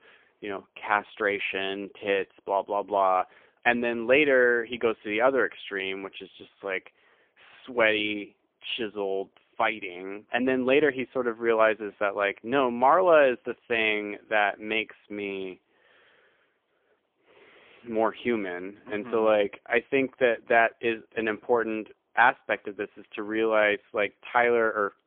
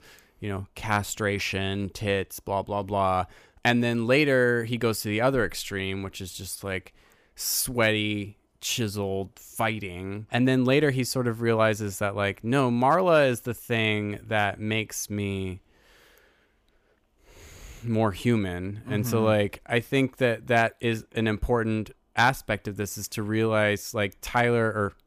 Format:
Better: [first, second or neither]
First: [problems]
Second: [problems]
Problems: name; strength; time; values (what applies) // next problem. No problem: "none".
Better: second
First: phone-call audio; poor line; nothing above 3.5 kHz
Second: none